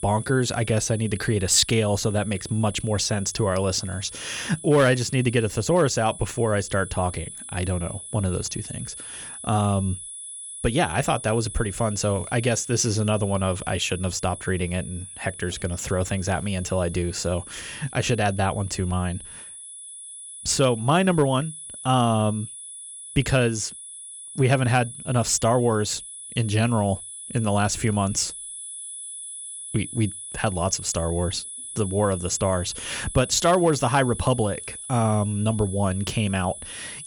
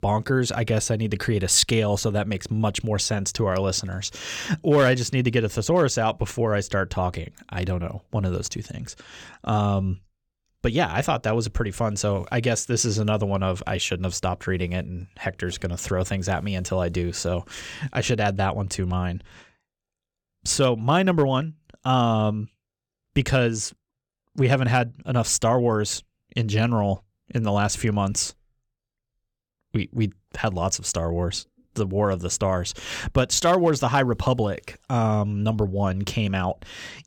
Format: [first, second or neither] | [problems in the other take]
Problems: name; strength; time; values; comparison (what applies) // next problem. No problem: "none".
second | high-pitched whine; noticeable; throughout; 10 kHz, 10 dB below the speech